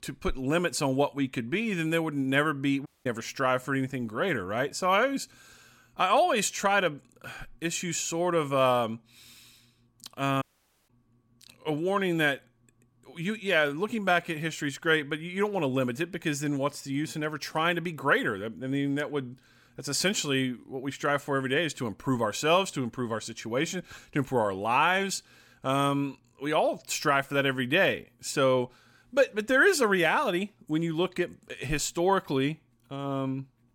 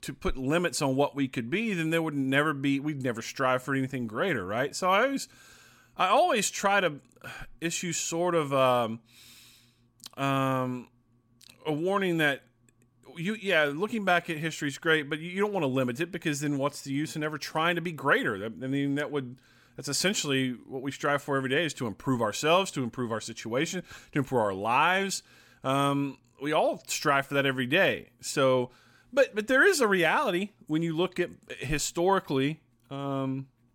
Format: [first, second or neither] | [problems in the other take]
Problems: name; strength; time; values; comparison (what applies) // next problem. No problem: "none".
second | audio cutting out; at 3 s and at 10 s